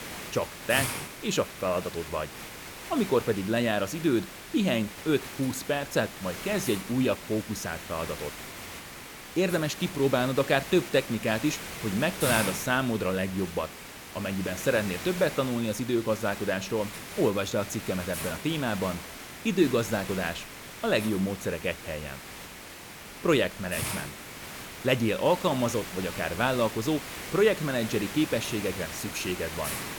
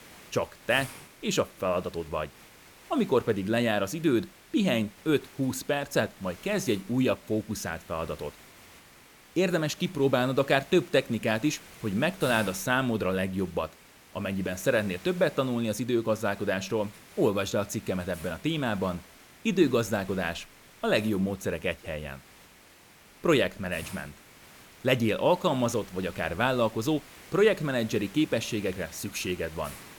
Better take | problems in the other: second | hiss; loud; throughout; 9 dB below the speech; faint in the second

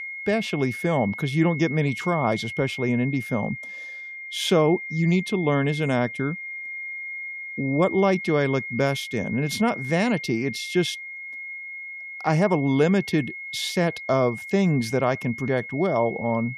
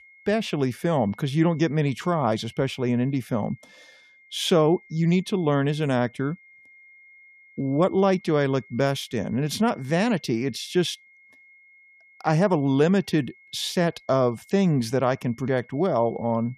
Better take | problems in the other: second | high-pitched whine; loud; throughout; 2 kHz, 9 dB below the speech; faint in the second

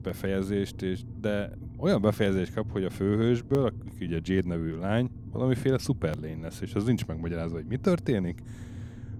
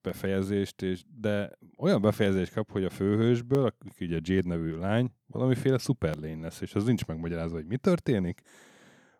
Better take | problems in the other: second | low rumble; faint; throughout; 20 dB below the speech

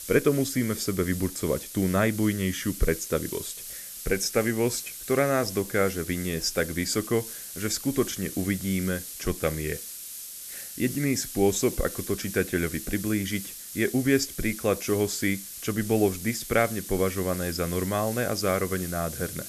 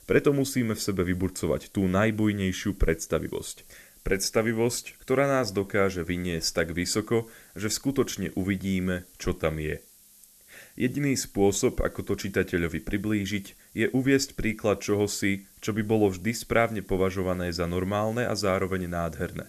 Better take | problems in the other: second | hiss; loud; throughout; 9 dB below the speech; faint in the second

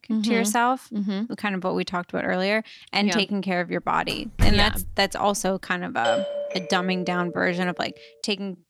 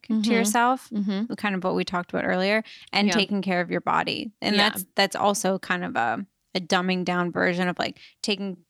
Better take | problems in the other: second | door banging; noticeable; at 4.5 s; peak 1 dB below the speech // doorbell; noticeable; from 6 to 7.5 s; peak 1 dB below the speech

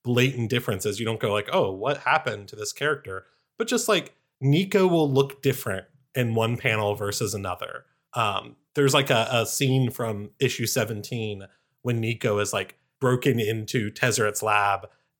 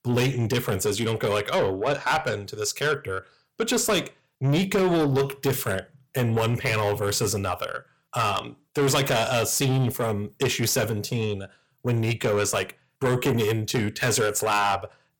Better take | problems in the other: first | distortion; heavy; 7 dB below the speech

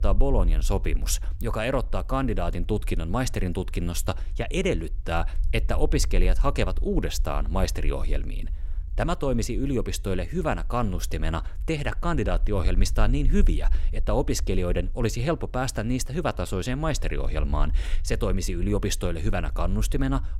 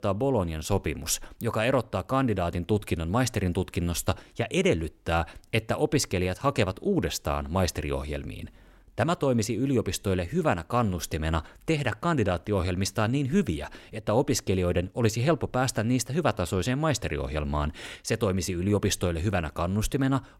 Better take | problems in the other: second | low rumble; faint; throughout; 25 dB below the speech

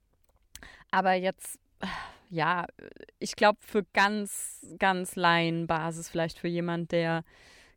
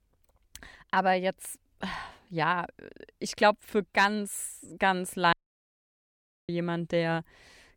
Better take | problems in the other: first | audio cutting out; at 5.5 s for 1 s

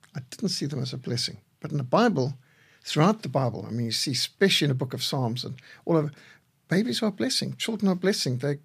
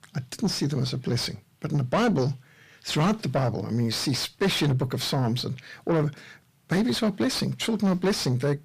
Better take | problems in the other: first | distortion; heavy; 7 dB below the speech

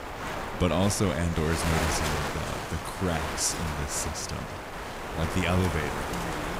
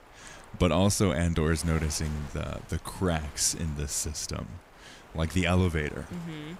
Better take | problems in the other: second | wind noise on the microphone; heavy; as loud as the speech; occasional gusts in the second

